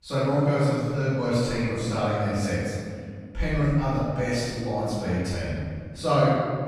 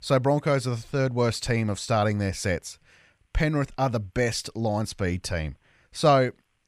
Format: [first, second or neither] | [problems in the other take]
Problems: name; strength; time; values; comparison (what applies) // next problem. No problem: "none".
second | off-mic speech; far // room echo; strong; dies away in 1.9 s